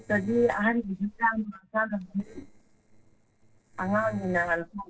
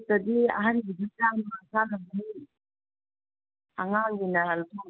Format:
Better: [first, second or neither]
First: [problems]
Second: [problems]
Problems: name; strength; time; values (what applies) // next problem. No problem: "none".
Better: second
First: noise reduction (neural separator model SepFormer DNS4)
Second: none